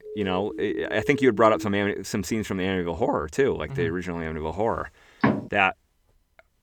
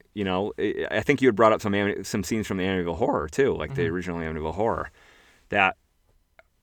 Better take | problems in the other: second | siren; faint; until 1.5 s; peak 10 dB below the speech // door banging; loud; at 5 s; peak level with the speech

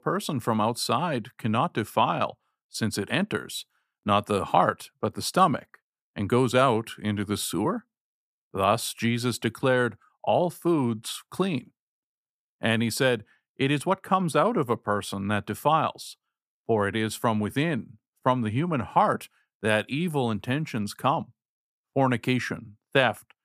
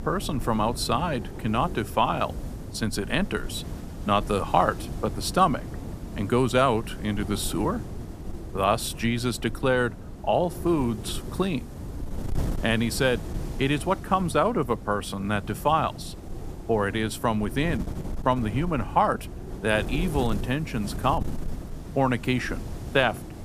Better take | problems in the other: first | wind noise on the microphone; occasional gusts; 15 dB below the speech

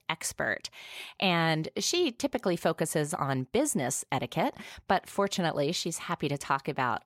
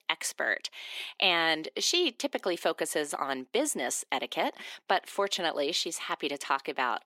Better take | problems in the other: first | thin; somewhat; fading below 300 Hz

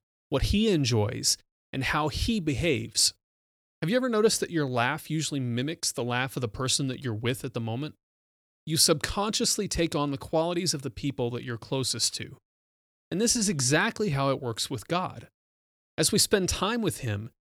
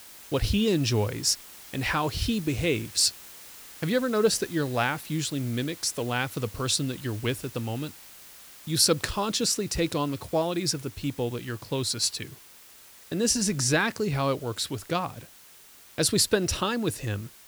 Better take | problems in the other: first | hiss; noticeable; throughout; 20 dB below the speech

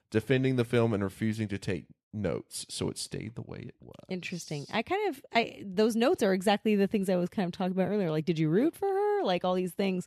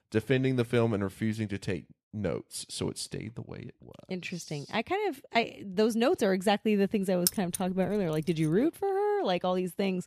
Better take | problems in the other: first | jangling keys; noticeable; at 7.5 s; peak level with the speech

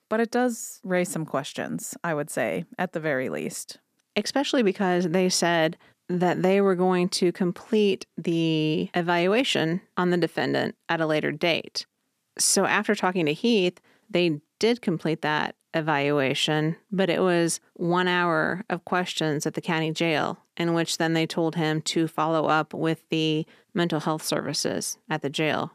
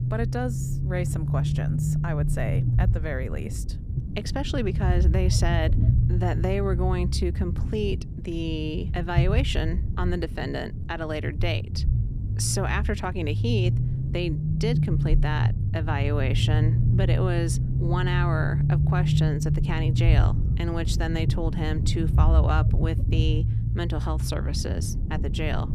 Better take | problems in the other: first | low rumble; loud; throughout; 6 dB below the speech

